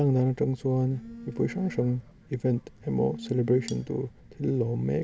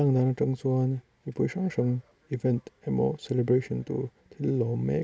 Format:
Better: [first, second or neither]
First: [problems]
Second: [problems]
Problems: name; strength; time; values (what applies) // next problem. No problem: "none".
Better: second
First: background sound (Cutlery, silverware + Telephone); 17 dB below the speech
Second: none